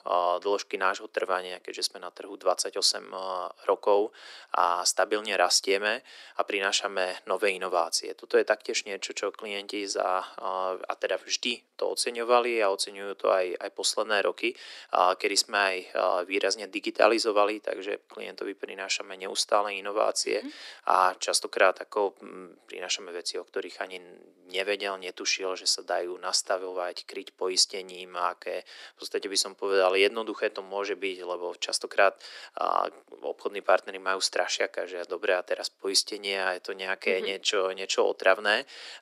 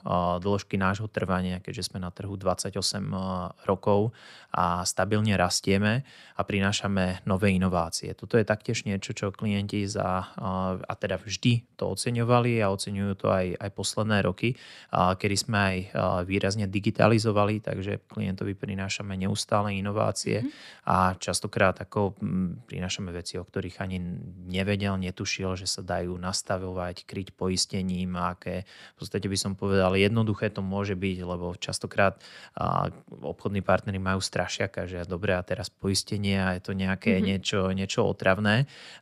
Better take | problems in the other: second | thin; very; fading below 300 Hz

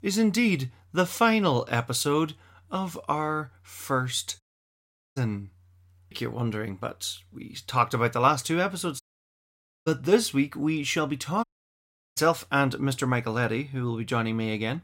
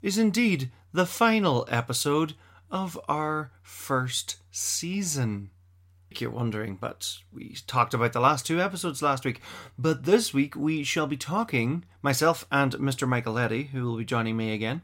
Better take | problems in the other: second | audio cutting out; at 4.5 s for 1 s, at 9 s for 1 s and at 11 s for 0.5 s

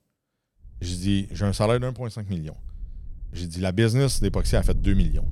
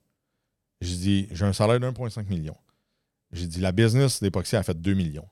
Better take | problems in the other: second | wind noise on the microphone; occasional gusts; from 0.5 to 2 s, at 2.5 s and from 4 s on; 25 dB below the speech

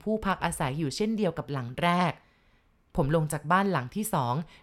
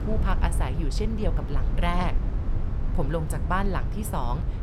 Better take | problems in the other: first | low rumble; noticeable; throughout; 10 dB below the speech

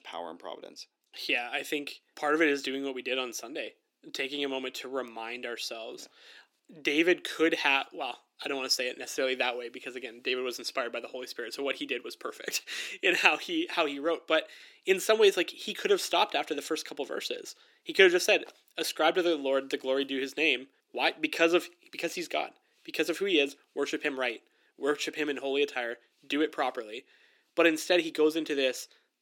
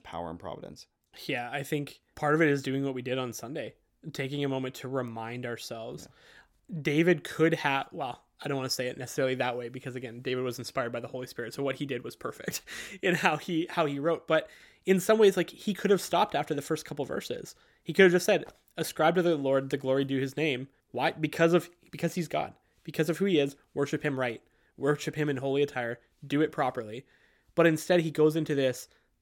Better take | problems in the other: second | thin; very slightly; fading below 300 Hz

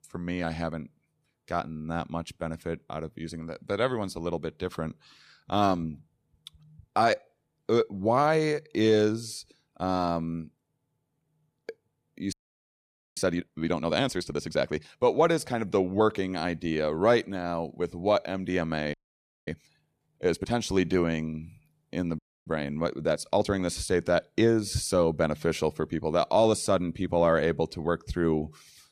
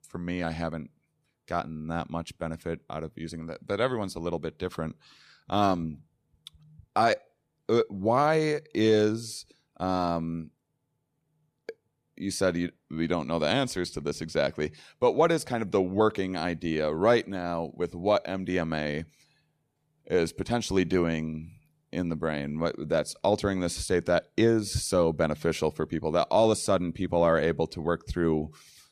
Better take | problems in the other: second | audio freezing; at 12 s for 1 s, at 19 s for 0.5 s and at 22 s

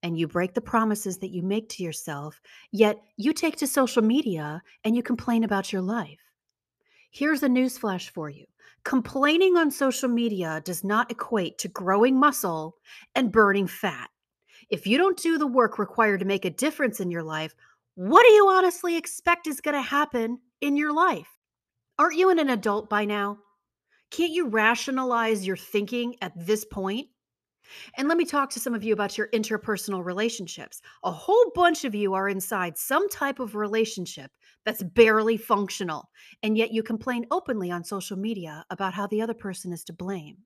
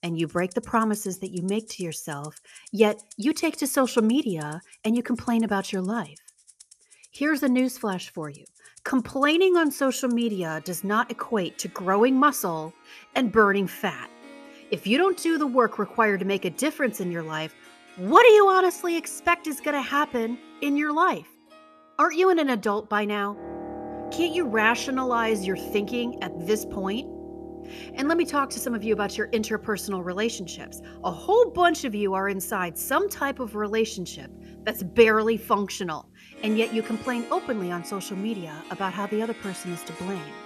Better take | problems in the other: first | background music; noticeable; throughout; 20 dB below the speech

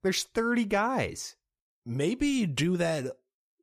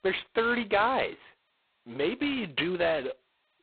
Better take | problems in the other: first | phone-call audio; poor line; nothing above 4 kHz

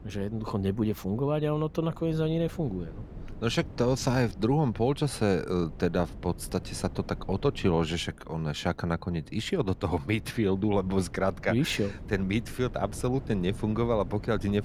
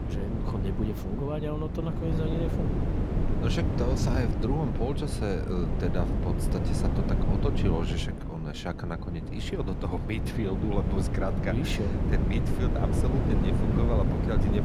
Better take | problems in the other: first | wind noise on the microphone; heavy; 1 dB below the speech; occasional gusts in the first

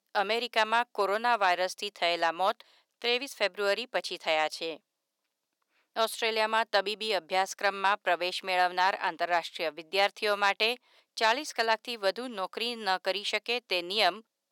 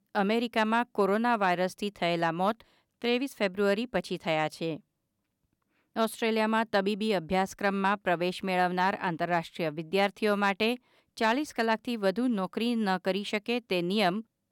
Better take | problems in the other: second | thin; very; fading below 600 Hz

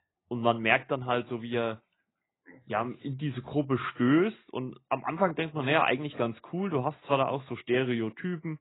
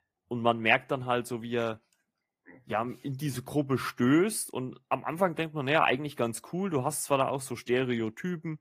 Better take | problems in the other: second | garbled, watery; badly; nothing above 4 kHz; slightly in the second

